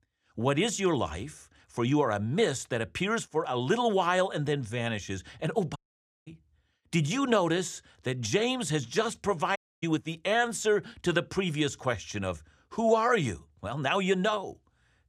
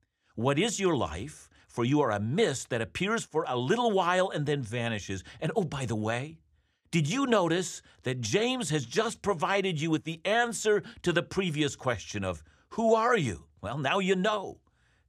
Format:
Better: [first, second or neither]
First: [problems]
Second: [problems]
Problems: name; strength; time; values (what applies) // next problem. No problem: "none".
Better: second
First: audio cutting out; at 6 s for 0.5 s and at 9.5 s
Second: none